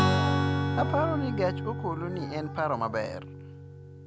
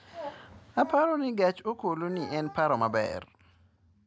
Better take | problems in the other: second | background sound (Strum); 2 dB above the speech

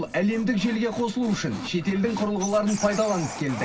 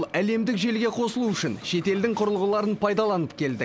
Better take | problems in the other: second | background sound (Squeak); 14 dB below the speech // room echo; dies away in 0.4 s

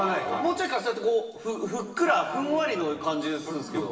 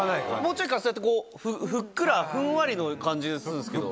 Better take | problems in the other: second | room echo; dies away in 1.1 s

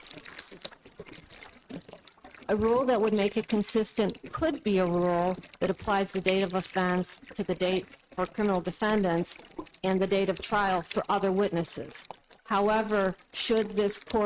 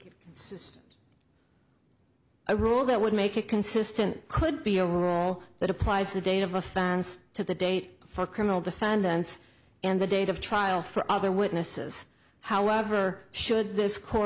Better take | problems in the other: second | noise reduction (neural mask model RNNoise)

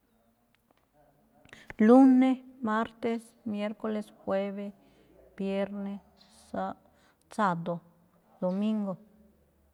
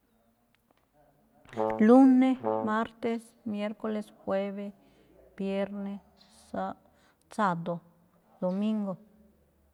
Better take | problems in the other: first | background sound (Brass instrument); 4 dB below the speech

